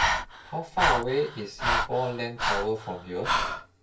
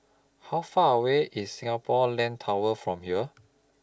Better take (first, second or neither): second